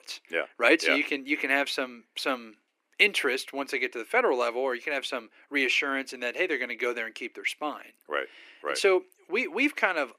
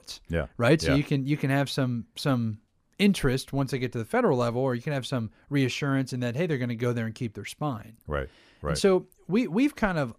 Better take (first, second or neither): second